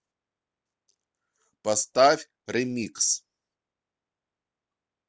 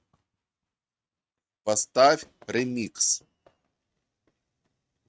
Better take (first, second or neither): first